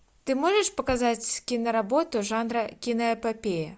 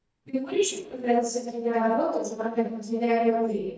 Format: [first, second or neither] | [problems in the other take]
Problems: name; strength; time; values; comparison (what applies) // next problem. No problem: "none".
first | noise reduction (neural mask model DeepFilterNet 3)